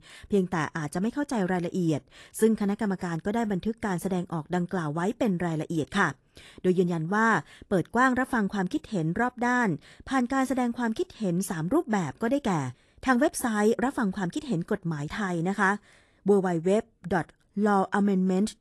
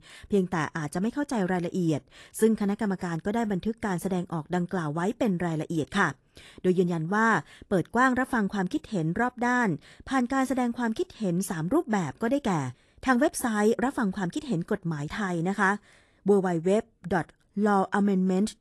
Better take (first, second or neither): neither